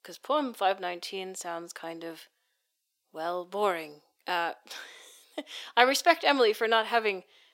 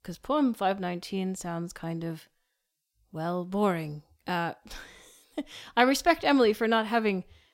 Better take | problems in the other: second | thin; somewhat; fading below 400 Hz

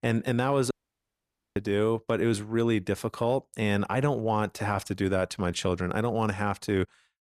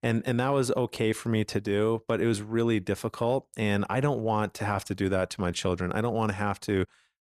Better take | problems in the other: second | audio cutting out; at 0.5 s for 1 s

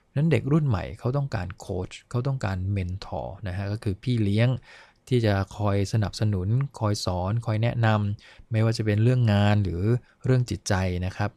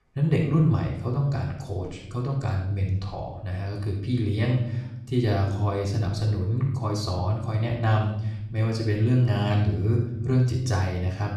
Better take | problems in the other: first | room echo; noticeable; dies away in 0.8 s // off-mic speech; far

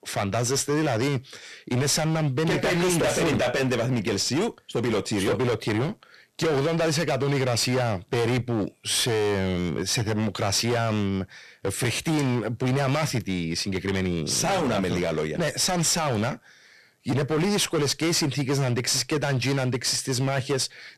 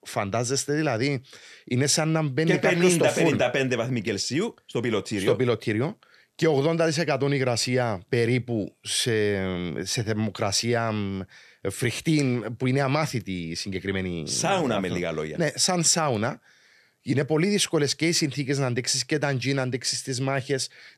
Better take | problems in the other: second | distortion; heavy; 22% of the sound clipped

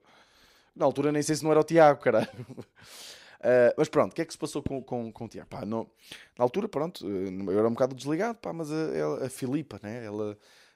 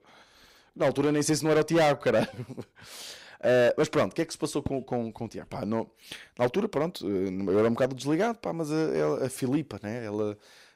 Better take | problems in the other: first | distortion; heavy; 6% of the sound clipped

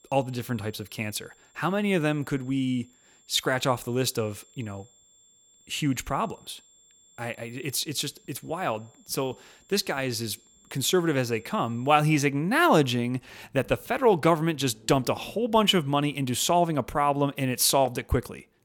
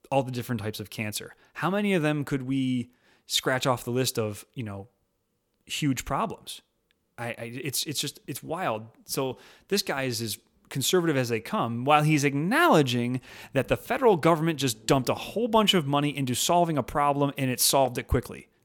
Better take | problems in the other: second | high-pitched whine; faint; until 12 s; 7.5 kHz, 30 dB below the speech

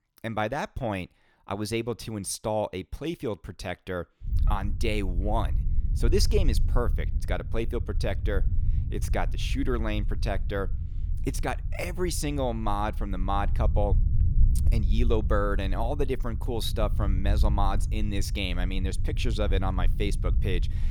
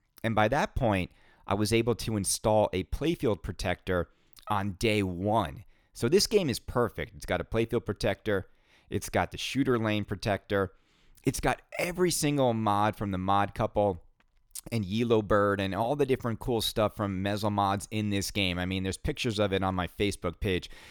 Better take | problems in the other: second | low rumble; noticeable; from 4.5 s on; 15 dB below the speech

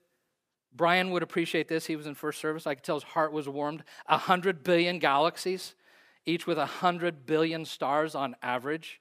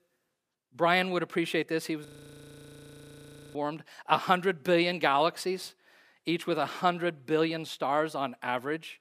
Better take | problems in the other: first | audio freezing; at 2 s for 1.5 s

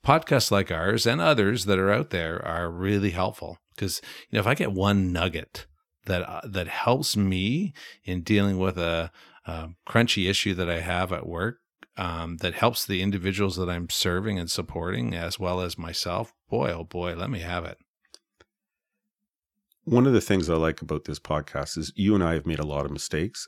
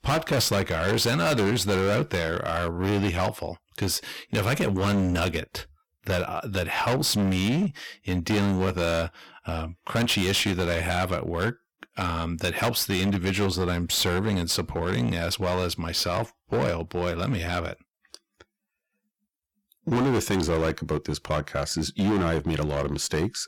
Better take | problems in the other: first | distortion; heavy; 16% of the sound clipped

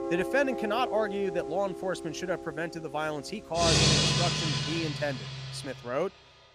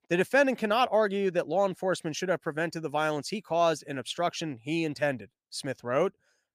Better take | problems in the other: second | background music; very loud; throughout; 3 dB above the speech

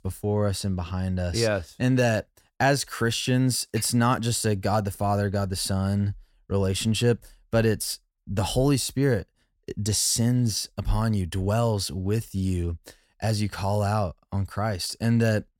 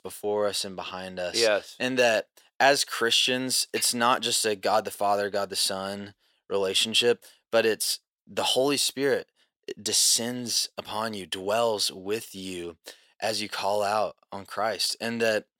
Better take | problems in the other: first | thin; very; fading below 450 Hz

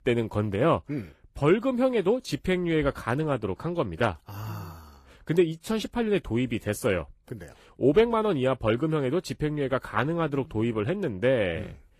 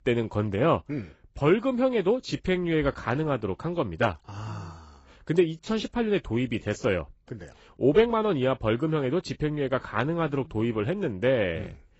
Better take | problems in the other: first | garbled, watery; badly; nothing above 8 kHz; slightly in the first

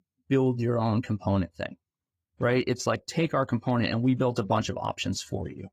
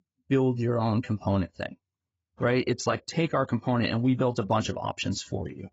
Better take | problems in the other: first | garbled, watery; badly; nothing above 7.5 kHz; slightly in the first

